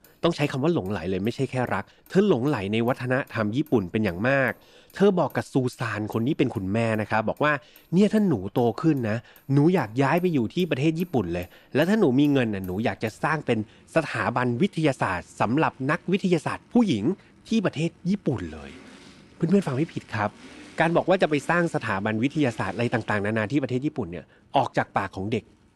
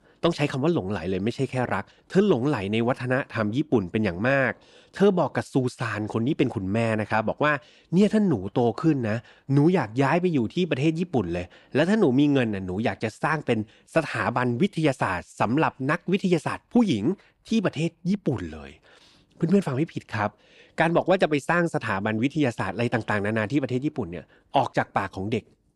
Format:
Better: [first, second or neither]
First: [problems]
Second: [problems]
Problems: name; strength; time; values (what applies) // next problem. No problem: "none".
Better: second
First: traffic noise; faint; throughout; 30 dB below the speech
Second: none